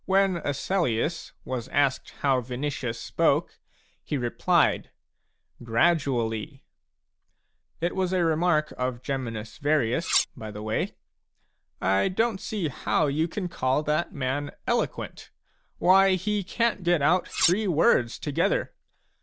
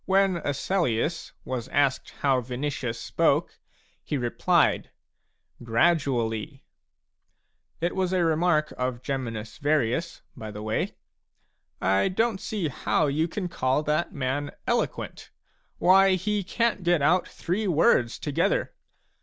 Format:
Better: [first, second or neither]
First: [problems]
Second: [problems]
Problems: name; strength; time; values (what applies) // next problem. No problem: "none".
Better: second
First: background sound (Cutlery, silverware); 3 dB below the speech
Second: none